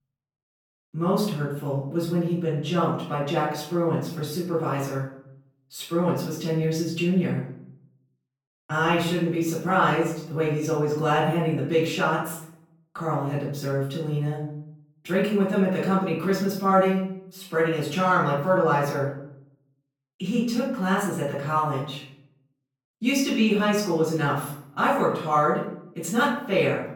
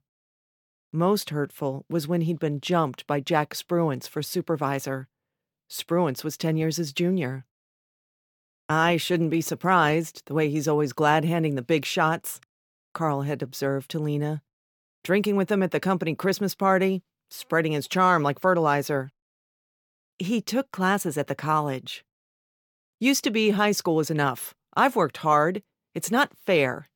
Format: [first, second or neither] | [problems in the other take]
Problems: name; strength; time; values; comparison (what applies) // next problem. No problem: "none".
second | off-mic speech; far // room echo; noticeable; dies away in 0.6 s